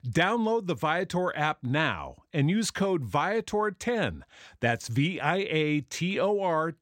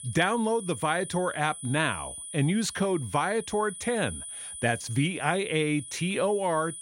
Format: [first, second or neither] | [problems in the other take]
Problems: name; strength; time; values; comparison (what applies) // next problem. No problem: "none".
first | high-pitched whine; noticeable; throughout; 10 kHz, 10 dB below the speech